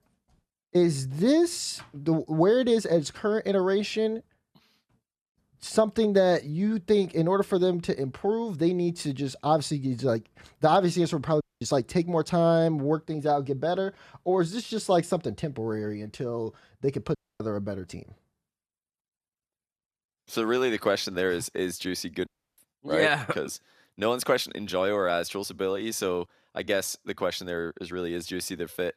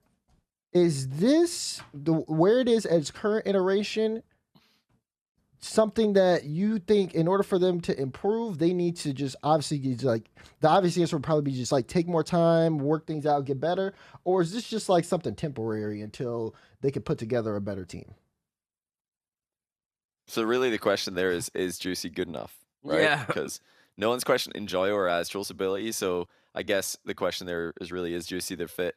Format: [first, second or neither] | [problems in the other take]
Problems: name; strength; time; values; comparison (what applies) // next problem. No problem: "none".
second | audio cutting out; at 11 s, at 17 s and at 22 s